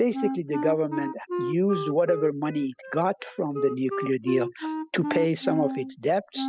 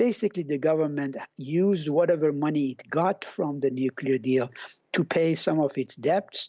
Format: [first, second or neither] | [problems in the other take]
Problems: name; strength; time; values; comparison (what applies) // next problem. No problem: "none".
second | noise reduction (classical method spectral subtraction)